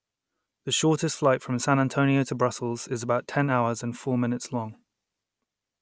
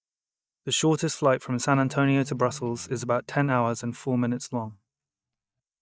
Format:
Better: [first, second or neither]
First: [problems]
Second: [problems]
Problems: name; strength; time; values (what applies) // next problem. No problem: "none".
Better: first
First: none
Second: noise reduction (neural mask model DeepFilterNet 3)